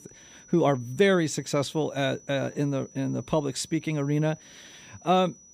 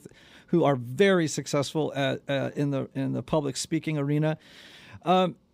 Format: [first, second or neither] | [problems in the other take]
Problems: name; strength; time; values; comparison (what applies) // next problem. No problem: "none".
second | high-pitched whine; faint; throughout; 6 kHz, 25 dB below the speech